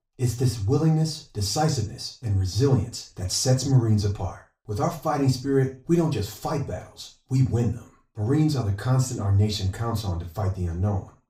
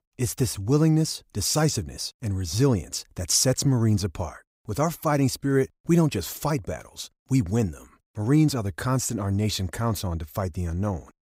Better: second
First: room echo; slight; dies away in 0.3 s // off-mic speech; far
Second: none

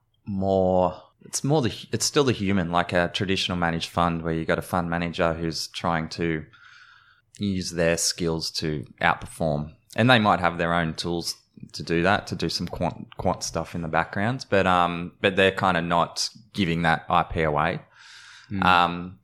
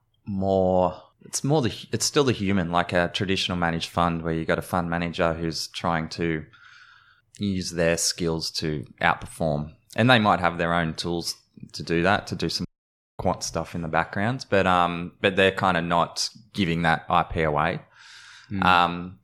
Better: first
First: none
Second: audio cutting out; at 13 s for 0.5 s

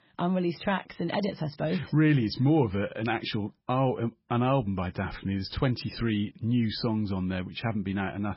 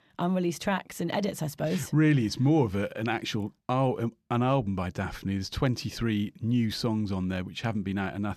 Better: second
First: garbled, watery; badly; nothing above 5.5 kHz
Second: none

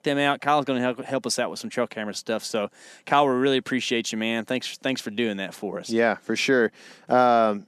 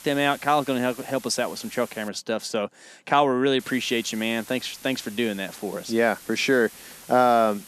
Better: first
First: none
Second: hiss; noticeable; until 2 s and from 3.5 s on; 20 dB below the speech

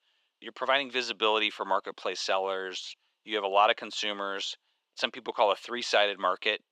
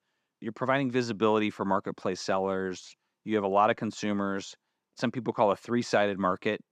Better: second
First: thin; very; fading below 600 Hz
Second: none

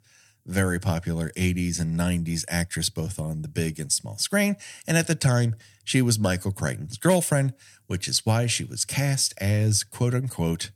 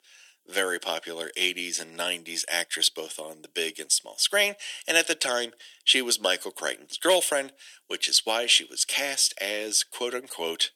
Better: first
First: none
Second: thin; very; fading below 350 Hz

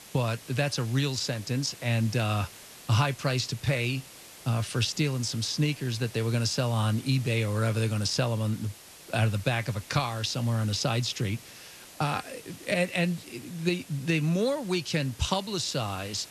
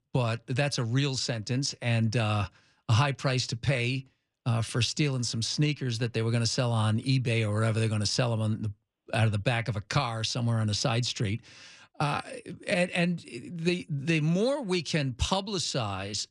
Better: second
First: hiss; noticeable; throughout; 20 dB below the speech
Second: none

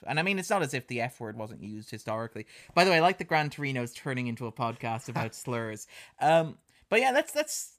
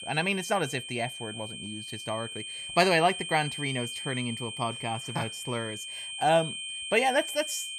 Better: first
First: none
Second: high-pitched whine; loud; throughout; 3 kHz, 7 dB below the speech

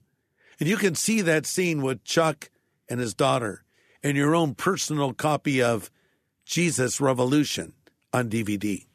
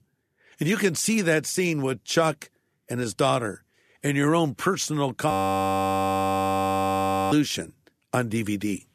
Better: first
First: none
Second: audio freezing; at 5.5 s for 2 s

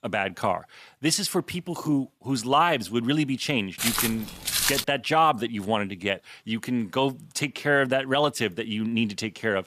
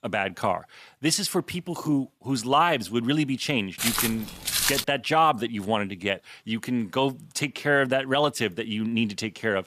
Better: neither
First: footsteps; loud; from 4 to 5 s; peak 3 dB above the speech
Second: footsteps; loud; from 4 to 5 s; peak 3 dB above the speech

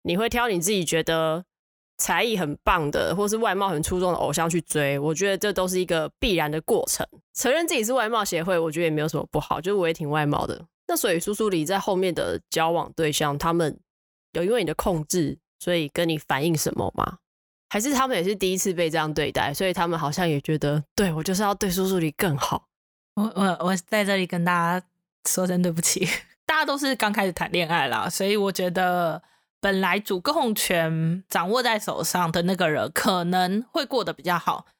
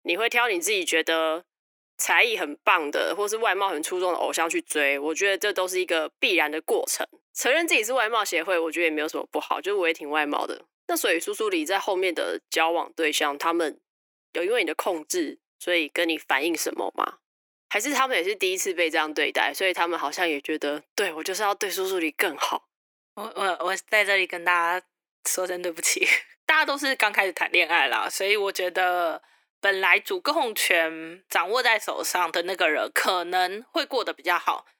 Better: first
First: none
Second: thin; somewhat; fading below 300 Hz

